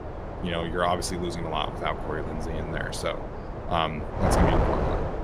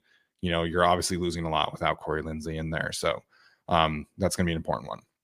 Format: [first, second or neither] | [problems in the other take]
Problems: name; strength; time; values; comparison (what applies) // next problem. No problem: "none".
second | wind noise on the microphone; heavy; 2 dB below the speech